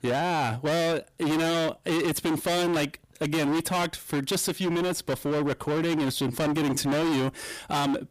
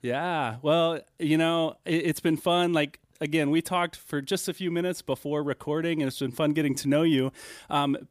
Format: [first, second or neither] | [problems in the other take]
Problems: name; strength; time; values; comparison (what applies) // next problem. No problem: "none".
second | distortion; heavy; 36% of the sound clipped